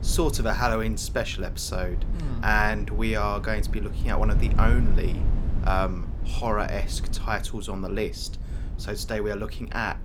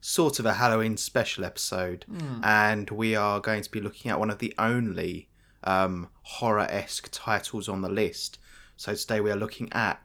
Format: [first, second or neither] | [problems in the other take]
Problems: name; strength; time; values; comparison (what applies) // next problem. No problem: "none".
second | low rumble; noticeable; throughout; 15 dB below the speech